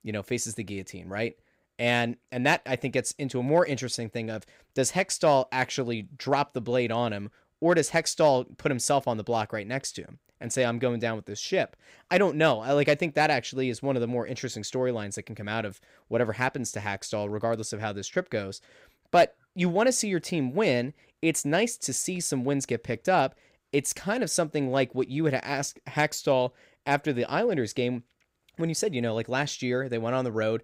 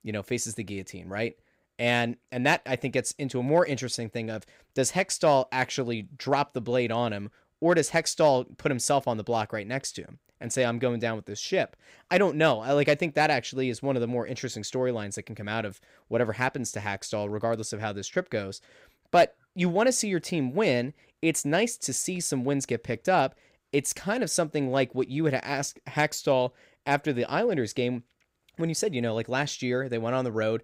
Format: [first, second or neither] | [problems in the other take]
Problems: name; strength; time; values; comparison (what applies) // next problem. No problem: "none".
neither | none